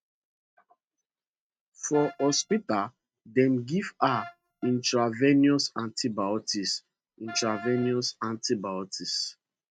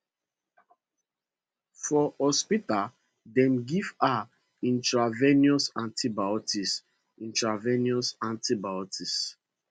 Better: second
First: noise reduction (neural mask model RNNoise)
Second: none

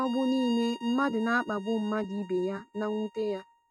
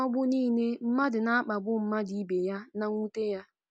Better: second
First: noise reduction (neural mask model RNNoise)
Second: none

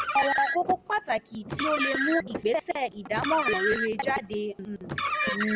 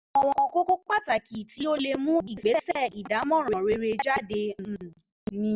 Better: second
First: background sound (Car); 3 dB below the speech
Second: none

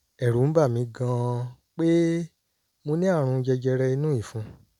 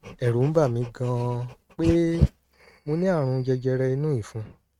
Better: first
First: none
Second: noise reduction (neural mask model RNNoise)

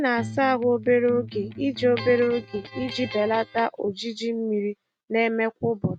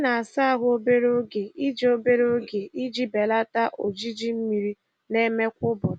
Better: second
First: noise reduction (neural mask model RNNoise)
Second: none

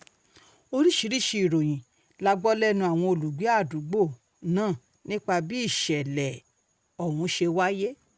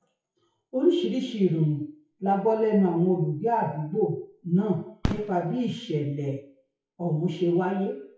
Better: first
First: none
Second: noise reduction (classical method WPE with log-MMSE)

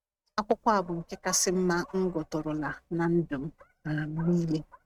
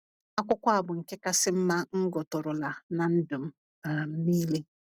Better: second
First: noise reduction (neural mask model RNNoise)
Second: none

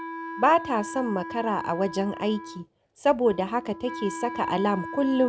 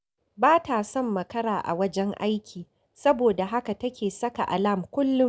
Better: second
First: background sound (Wind instrument, woodwind instrument); 11 dB below the speech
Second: none

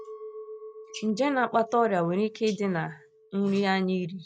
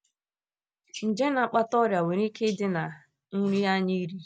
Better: second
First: background sound (Chink, clink); 19 dB below the speech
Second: none

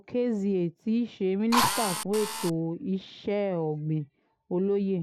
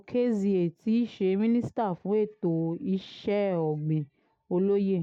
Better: second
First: background sound (Drill); as loud as the speech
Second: none

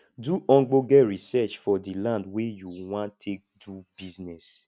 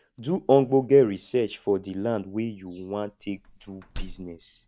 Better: first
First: none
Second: noise reduction (neural mask model DeepFilterNet 3)

